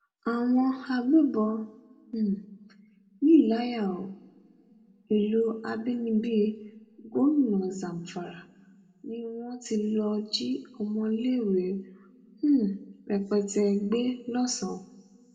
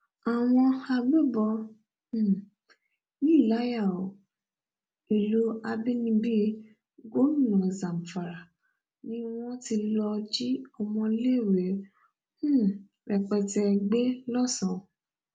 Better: second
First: room echo; dies away in 0.8 s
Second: none

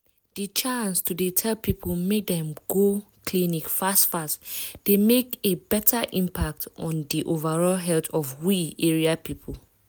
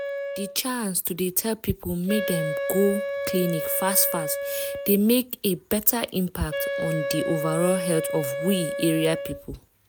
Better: first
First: none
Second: background sound (Wind instrument, woodwind instrument); 5 dB below the speech

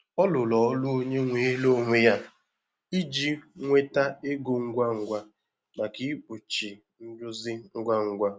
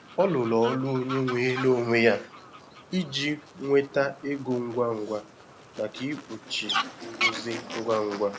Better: first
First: none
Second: background sound (Fowl); 9 dB below the speech

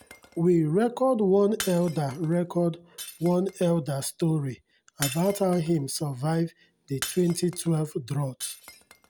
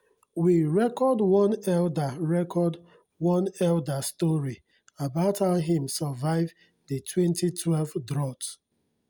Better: second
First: background sound (Shatter); 17 dB below the speech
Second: none

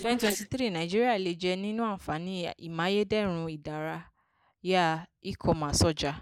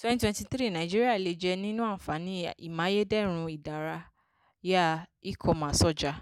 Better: second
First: noise reduction (neural mask model Resemble Enhance denoiser)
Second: none

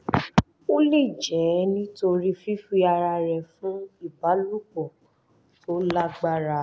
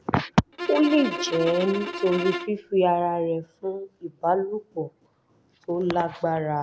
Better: first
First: none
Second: background sound (Bowed string instrument); 8 dB below the speech

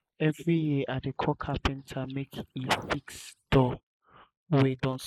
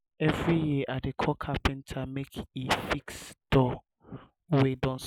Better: second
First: noise reduction (neural mask model Resemble Enhance denoiser)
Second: none

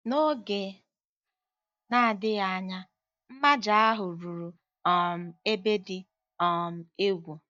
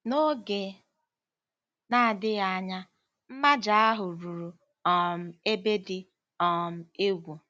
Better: second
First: noise reduction (neural mask model DeepFilterNet 3)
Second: none

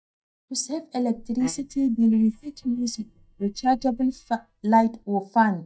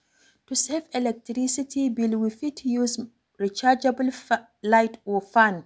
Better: second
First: noise reduction (neural mask model DeepFilterNet 3)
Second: none

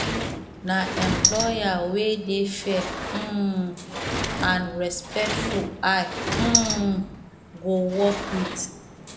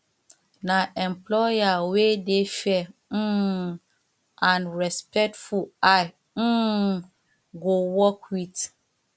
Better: second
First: background sound (Sliding door); 3 dB below the speech // room echo; dies away in 0.7 s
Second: none

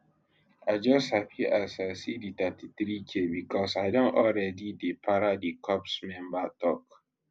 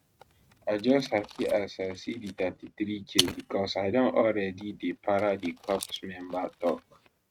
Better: first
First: none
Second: noise reduction (neural mask model RNNoise)

